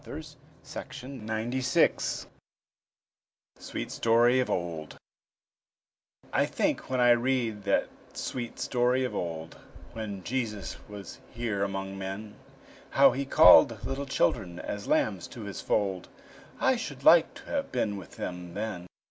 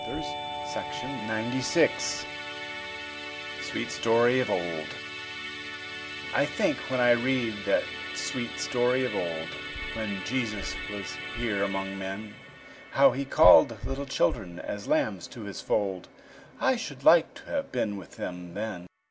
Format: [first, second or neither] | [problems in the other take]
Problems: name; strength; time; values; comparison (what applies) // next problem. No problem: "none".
first | background sound (Musical instrument); 10 dB below the speech